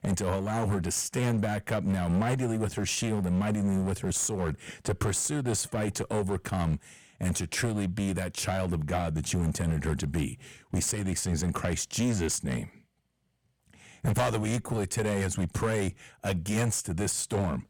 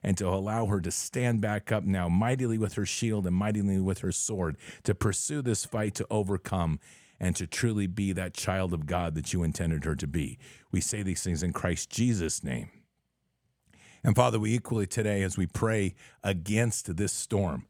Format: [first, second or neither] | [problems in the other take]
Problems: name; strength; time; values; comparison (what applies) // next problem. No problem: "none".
second | distortion; heavy; 10% of the sound clipped